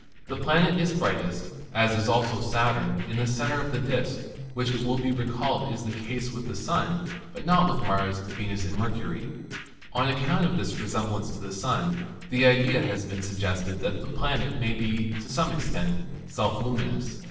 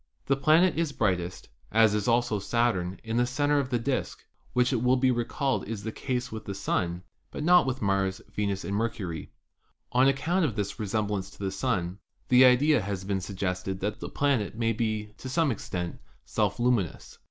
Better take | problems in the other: second | noise reduction (neural separator model SepFormer DNS4)

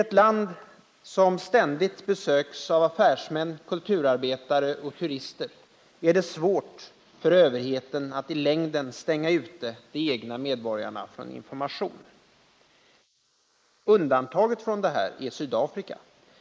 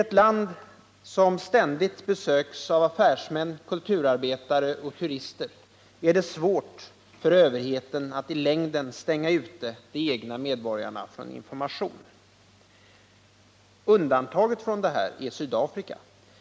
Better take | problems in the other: second | noise reduction (neural mask model Resemble Enhance denoiser)

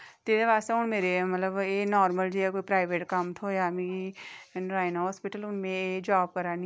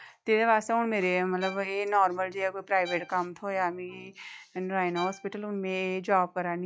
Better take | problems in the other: first | noise reduction (classical method log-MMSE)

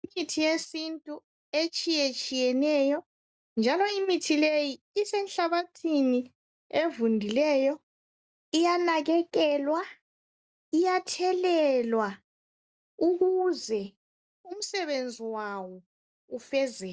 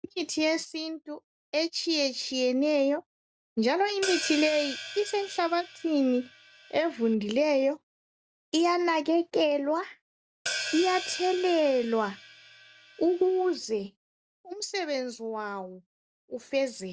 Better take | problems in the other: first | background sound (Hi-hat); 10 dB below the speech

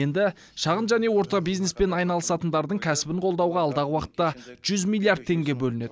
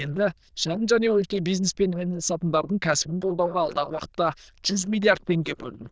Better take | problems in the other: first | noise reduction (neural diffusion model UNIVERSE++)

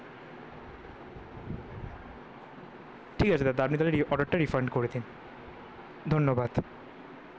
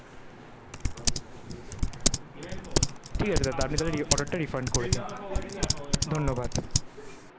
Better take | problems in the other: first | background sound (Typing); 4 dB above the speech

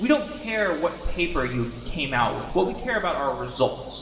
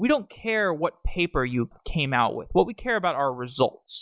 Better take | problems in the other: second | background sound (Sliding door / Hiss); 19 dB below the speech // room echo; dies away in 2.3 s

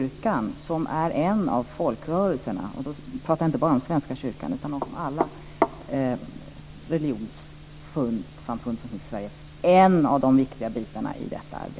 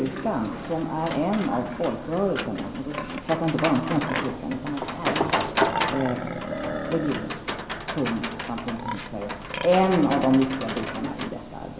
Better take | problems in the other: first | background sound (Livestock, farm animals, working animals); 5 dB below the speech // room echo; dies away in 2.1 s

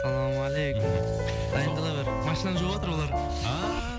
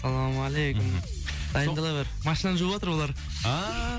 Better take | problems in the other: second | background sound (Piano + Chink, clink); as loud as the speech

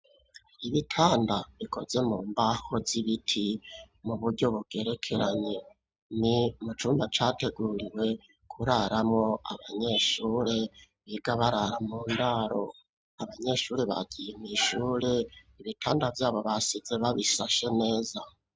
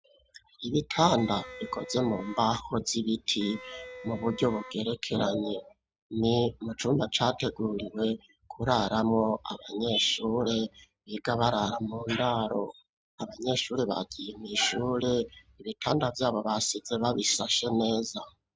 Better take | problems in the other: first | background sound (Wind instrument, woodwind instrument); 15 dB below the speech

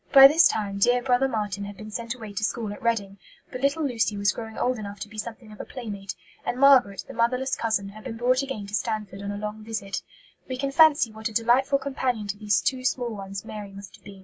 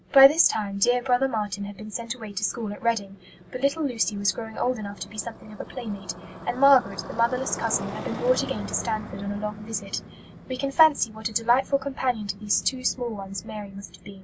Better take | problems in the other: first | background sound (Motorcycle); 15 dB below the speech

